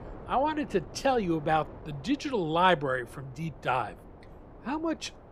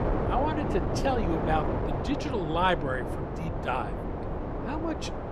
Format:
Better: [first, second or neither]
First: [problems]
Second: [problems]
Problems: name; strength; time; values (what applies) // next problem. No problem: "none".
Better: first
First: wind noise on the microphone; occasional gusts; 20 dB below the speech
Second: wind noise on the microphone; heavy; 4 dB below the speech